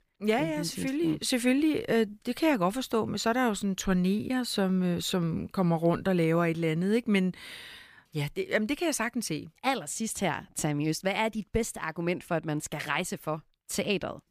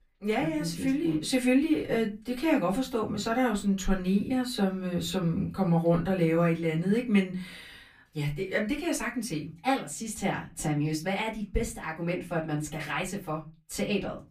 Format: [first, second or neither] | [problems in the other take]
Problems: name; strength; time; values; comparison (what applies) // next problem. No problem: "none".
first | off-mic speech; far // room echo; very slight; dies away in 0.2 s